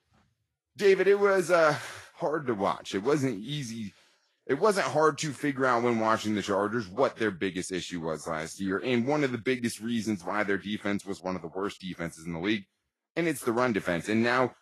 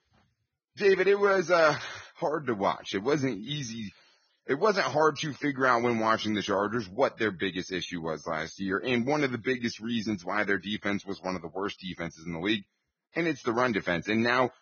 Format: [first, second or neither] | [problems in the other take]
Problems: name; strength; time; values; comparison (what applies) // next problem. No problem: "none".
first | garbled, watery; badly; nothing above 6.5 kHz; slightly in the first